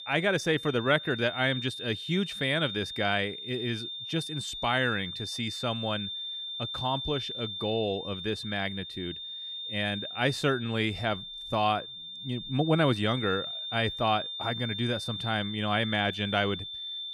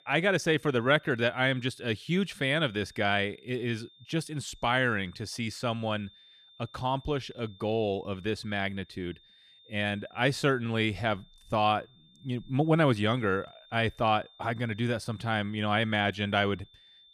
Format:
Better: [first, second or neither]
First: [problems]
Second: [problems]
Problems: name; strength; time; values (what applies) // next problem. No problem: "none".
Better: second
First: high-pitched whine; loud; throughout; 3.5 kHz, 6 dB below the speech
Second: high-pitched whine; faint; throughout; 3.5 kHz, 25 dB below the speech